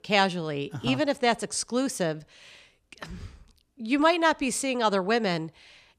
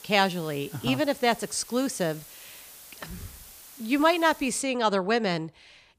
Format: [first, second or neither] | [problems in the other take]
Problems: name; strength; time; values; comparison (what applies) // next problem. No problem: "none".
first | hiss; noticeable; until 4.5 s; 20 dB below the speech